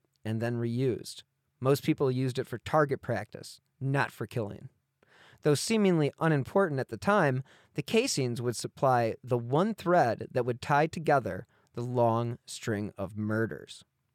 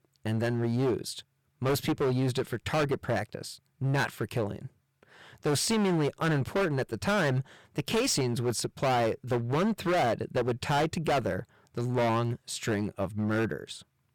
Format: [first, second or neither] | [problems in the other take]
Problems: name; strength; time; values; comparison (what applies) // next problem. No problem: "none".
first | distortion; heavy; 15% of the sound clipped